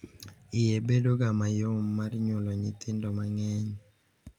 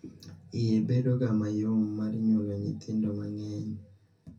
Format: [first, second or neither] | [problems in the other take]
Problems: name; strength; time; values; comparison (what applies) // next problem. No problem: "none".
first | room echo; dies away in 0.3 s